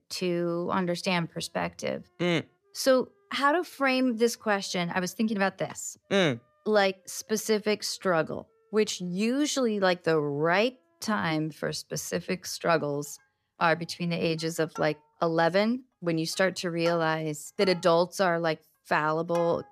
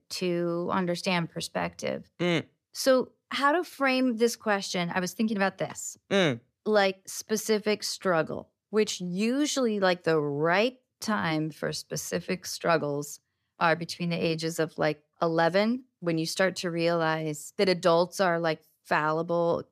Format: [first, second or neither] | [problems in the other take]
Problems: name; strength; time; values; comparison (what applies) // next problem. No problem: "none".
second | background music; faint; throughout; 20 dB below the speech